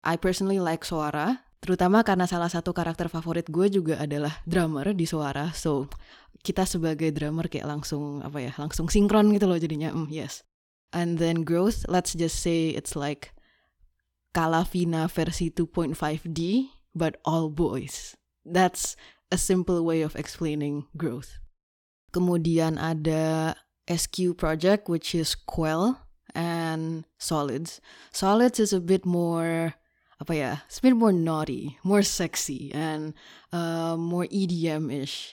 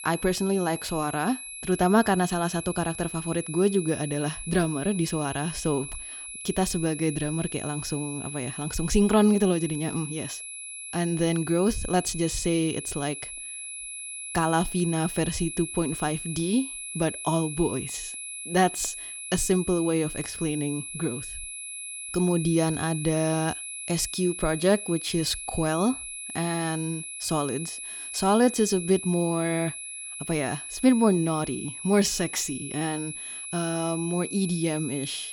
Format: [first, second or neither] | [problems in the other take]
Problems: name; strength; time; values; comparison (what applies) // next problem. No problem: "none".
first | high-pitched whine; loud; throughout; 11 kHz, 8 dB below the speech